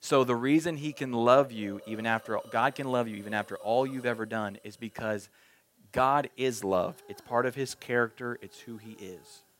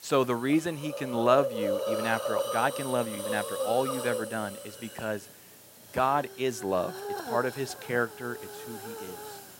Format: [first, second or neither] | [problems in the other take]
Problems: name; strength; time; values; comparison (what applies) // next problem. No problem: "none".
first | hiss; loud; throughout; 5 dB below the speech; faint in the first